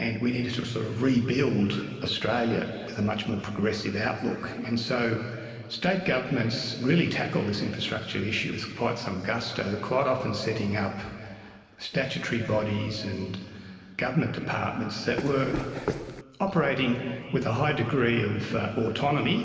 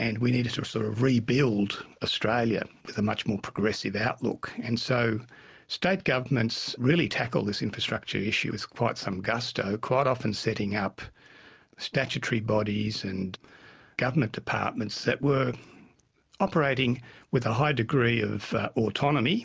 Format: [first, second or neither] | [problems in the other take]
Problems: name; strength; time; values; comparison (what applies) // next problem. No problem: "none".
second | background sound (Run); 5 dB below the speech // room echo; dies away in 2.5 s